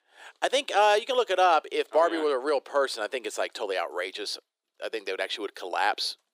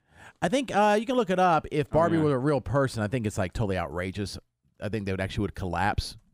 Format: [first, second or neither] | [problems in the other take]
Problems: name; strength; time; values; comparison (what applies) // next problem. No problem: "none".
second | thin; very; fading below 350 Hz